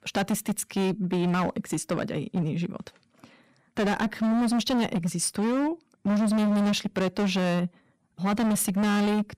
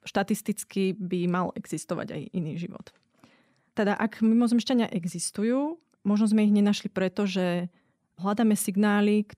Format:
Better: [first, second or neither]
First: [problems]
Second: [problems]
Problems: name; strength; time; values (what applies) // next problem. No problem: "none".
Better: second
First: distortion; heavy; 24% of the sound clipped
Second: none